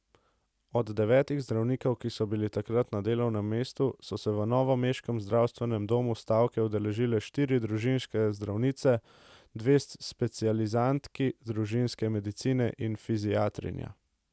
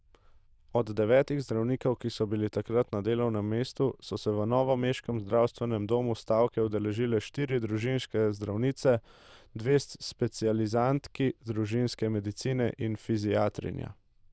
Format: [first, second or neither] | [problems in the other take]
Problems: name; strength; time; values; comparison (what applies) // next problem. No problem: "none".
first | noise reduction (neural diffusion model UNIVERSE++)